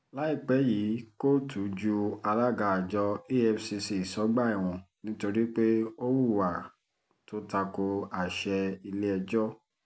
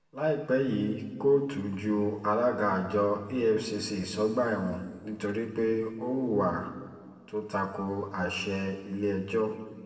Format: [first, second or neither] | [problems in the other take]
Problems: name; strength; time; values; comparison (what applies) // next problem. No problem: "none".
first | room echo; dies away in 1.7 s